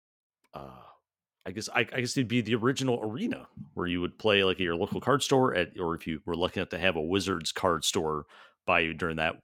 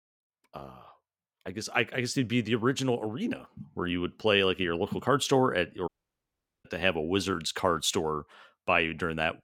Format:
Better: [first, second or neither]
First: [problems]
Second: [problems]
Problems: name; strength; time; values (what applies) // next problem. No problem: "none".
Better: first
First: none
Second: audio cutting out; at 6 s for 1 s